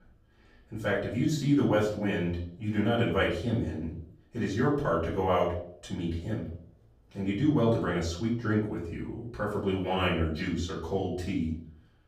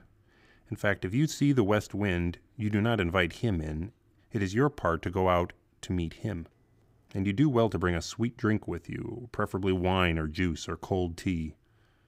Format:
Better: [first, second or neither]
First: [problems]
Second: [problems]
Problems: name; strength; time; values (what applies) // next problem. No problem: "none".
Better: second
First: room echo; noticeable; dies away in 0.5 s // off-mic speech; far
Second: none